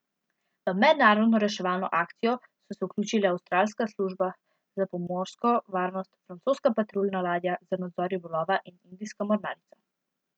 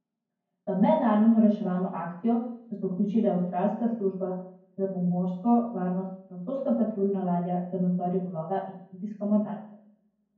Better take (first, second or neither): first